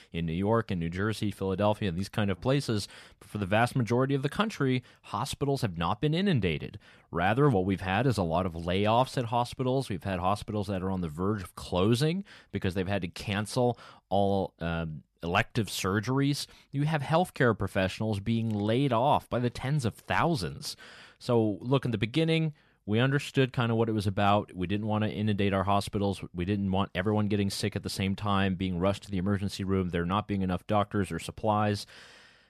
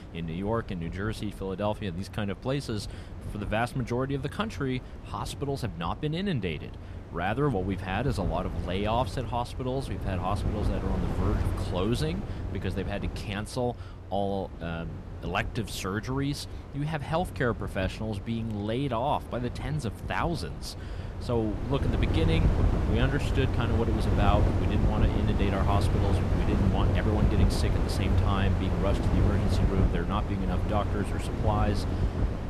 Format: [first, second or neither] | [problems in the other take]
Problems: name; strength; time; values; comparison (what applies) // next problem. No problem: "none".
first | wind noise on the microphone; heavy; 5 dB below the speech